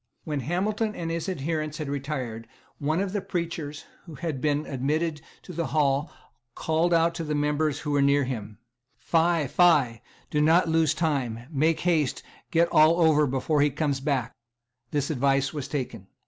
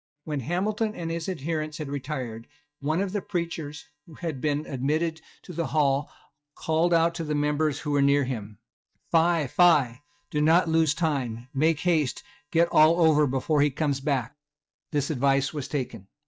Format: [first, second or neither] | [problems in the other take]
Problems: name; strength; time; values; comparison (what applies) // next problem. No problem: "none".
first | noise reduction (neural mask model DeepFilterNet 3)